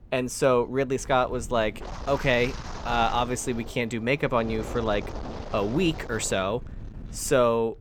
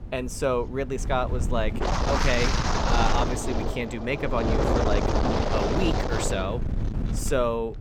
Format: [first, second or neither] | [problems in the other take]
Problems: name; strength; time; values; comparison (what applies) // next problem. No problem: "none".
first | wind noise on the microphone; heavy; as loud as the speech; occasional gusts in the first